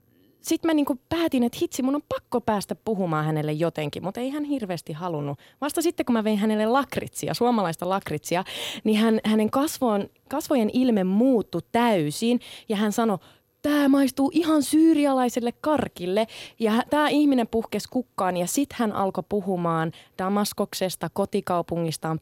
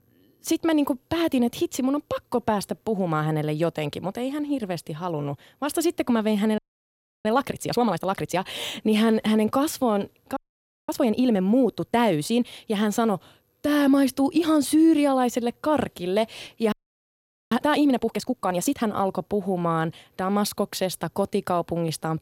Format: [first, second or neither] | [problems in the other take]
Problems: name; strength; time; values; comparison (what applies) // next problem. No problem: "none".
first | audio freezing; at 6.5 s for 0.5 s, at 10 s for 0.5 s and at 17 s for 1 s